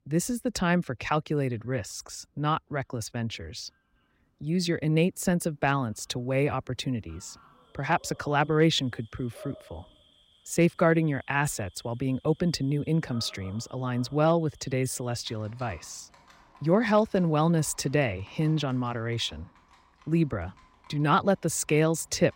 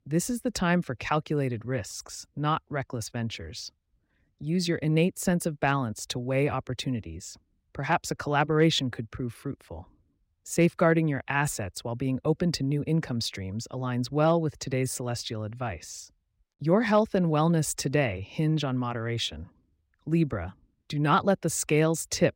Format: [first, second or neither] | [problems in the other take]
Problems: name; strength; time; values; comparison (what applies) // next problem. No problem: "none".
second | animal sounds; faint; throughout; 30 dB below the speech